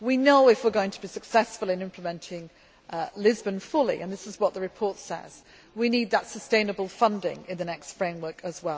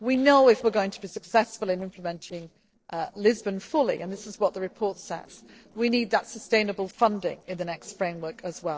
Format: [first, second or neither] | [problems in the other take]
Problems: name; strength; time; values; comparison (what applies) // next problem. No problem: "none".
first | noise reduction (neural separator model SepFormer DNS4)